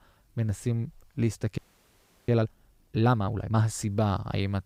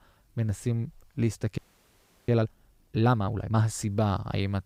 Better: neither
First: audio freezing; at 1.5 s for 0.5 s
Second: audio freezing; at 1.5 s for 0.5 s

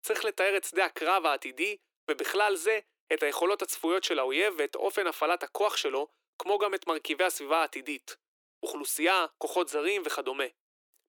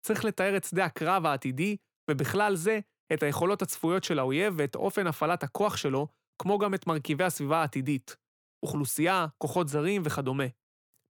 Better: second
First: thin; very; fading below 350 Hz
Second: none

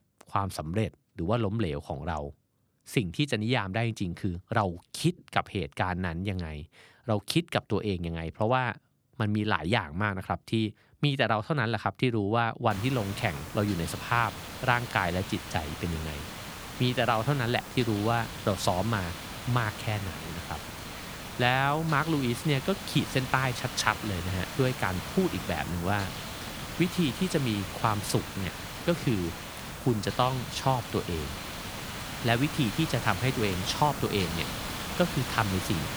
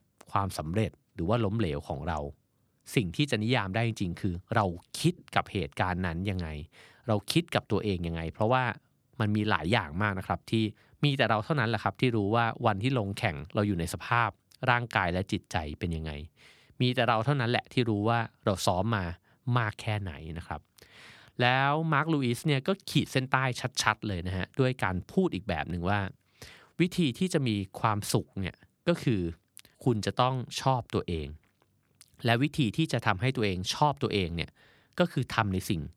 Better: second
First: hiss; loud; from 13 s on; 8 dB below the speech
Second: none

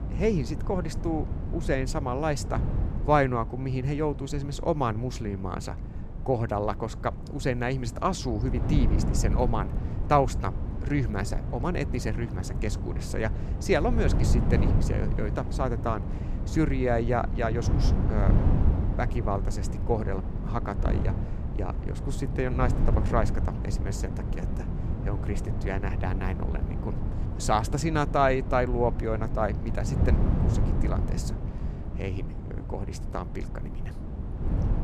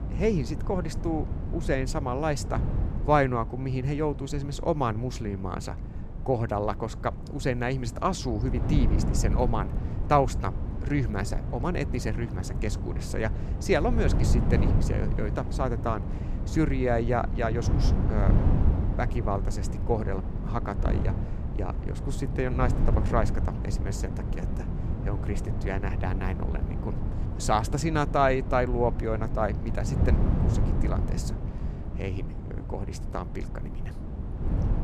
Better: neither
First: wind noise on the microphone; occasional gusts; 10 dB below the speech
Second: wind noise on the microphone; occasional gusts; 10 dB below the speech

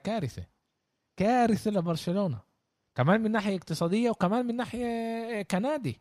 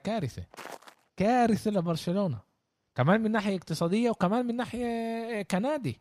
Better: first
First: none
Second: footsteps; faint; at 0.5 s; peak 15 dB below the speech

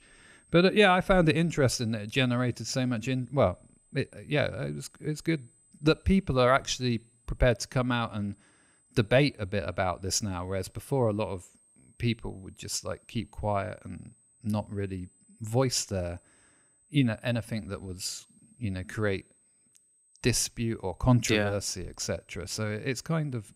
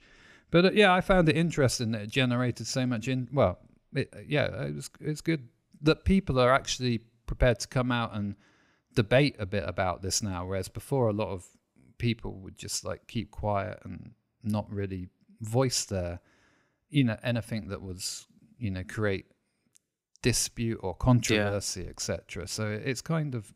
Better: second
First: high-pitched whine; faint; throughout; 8 kHz, 35 dB below the speech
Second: none

